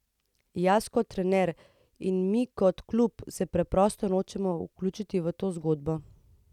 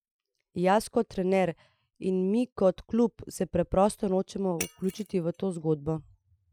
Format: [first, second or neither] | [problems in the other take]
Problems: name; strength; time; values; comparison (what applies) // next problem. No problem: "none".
first | noise reduction (classical method Wiener filter)